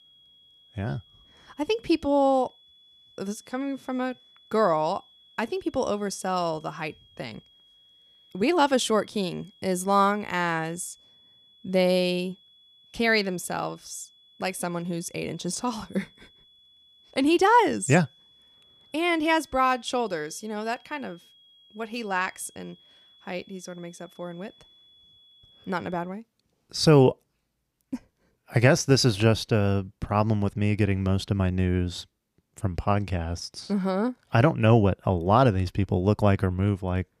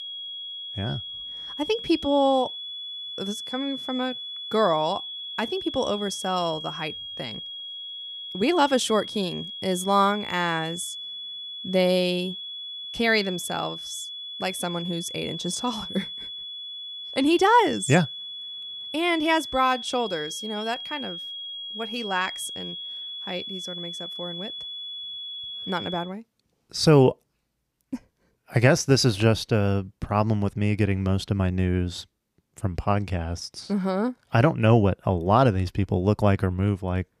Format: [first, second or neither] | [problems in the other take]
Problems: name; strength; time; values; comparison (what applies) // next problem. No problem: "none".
first | high-pitched whine; loud; until 26 s; 3.5 kHz, 9 dB below the speech; faint in the first